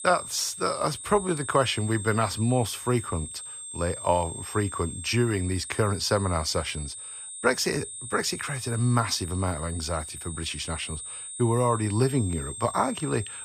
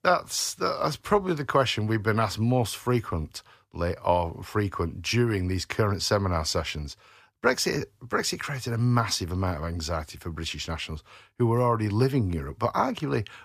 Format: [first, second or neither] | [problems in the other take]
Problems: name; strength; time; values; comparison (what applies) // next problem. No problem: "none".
second | high-pitched whine; loud; throughout; 8.5 kHz, 9 dB below the speech